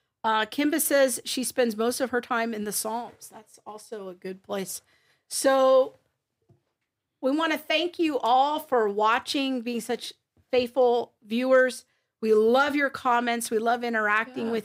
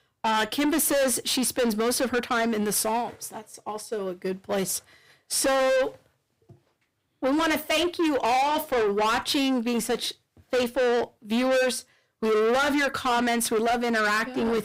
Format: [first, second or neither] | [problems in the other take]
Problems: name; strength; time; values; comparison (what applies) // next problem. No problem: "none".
first | distortion; heavy; 6 dB below the speech